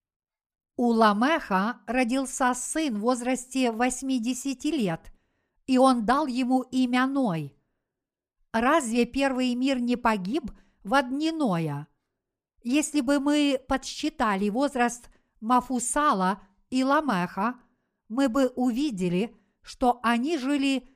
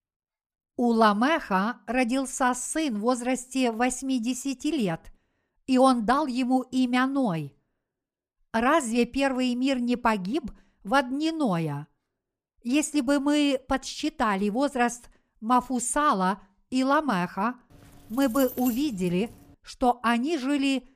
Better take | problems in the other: first | jangling keys; faint; from 18 to 20 s; peak 10 dB below the speech

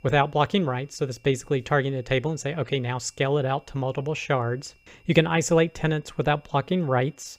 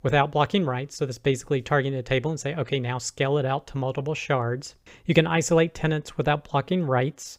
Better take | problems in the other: second | high-pitched whine; faint; throughout; 2.5 kHz, 35 dB below the speech

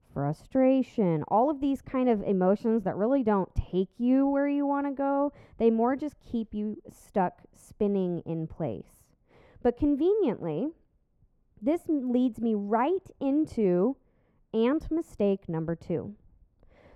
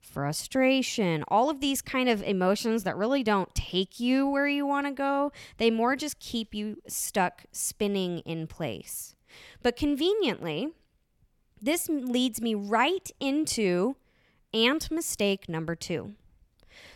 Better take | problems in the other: second | muffled; very; fading above 2 kHz

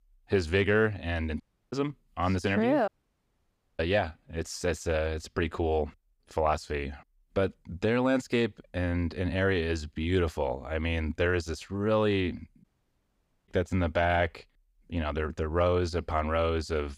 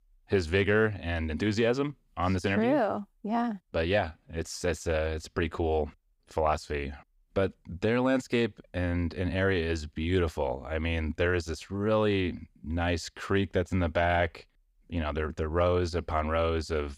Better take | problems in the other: second | audio cutting out; at 1.5 s, at 3 s for 1 s and at 13 s for 1 s

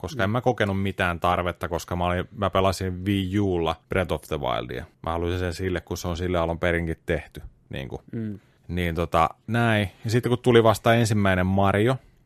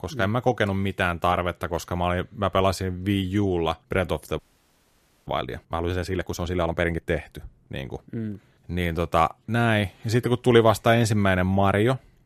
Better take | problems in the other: first | audio freezing; at 4.5 s for 1 s

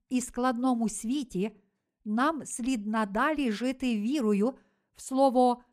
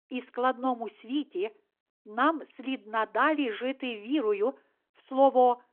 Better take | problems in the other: first | phone-call audio

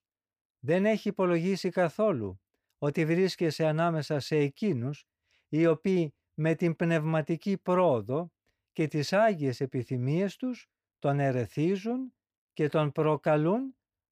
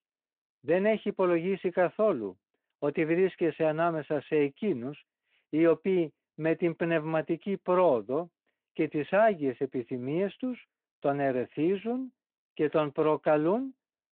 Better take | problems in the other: first | phone-call audio

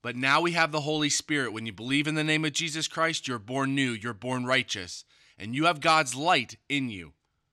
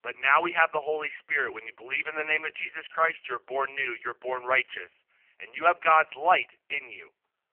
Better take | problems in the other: first | phone-call audio; poor line; nothing above 3 kHz

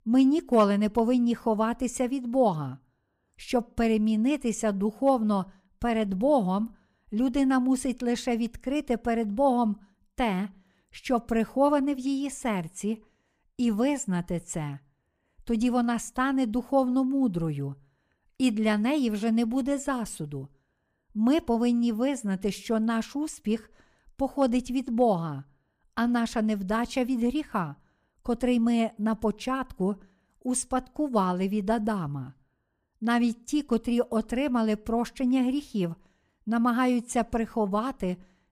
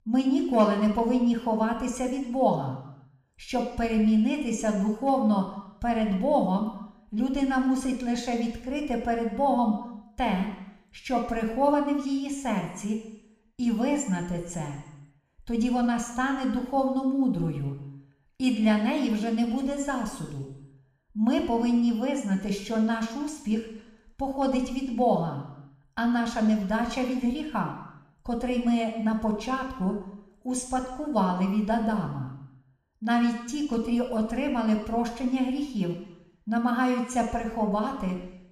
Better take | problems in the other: first | room echo; noticeable; dies away in 0.9 s

